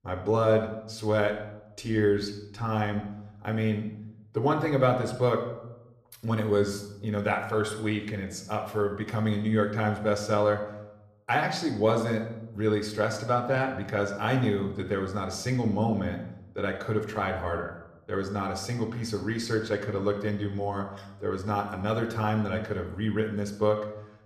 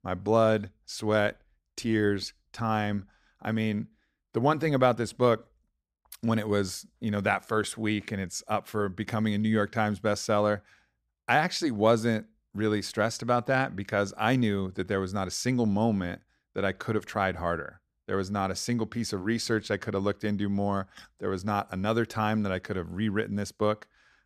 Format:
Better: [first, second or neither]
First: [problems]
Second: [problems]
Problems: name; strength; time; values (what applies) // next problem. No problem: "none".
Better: second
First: room echo; slight; dies away in 0.7 s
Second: none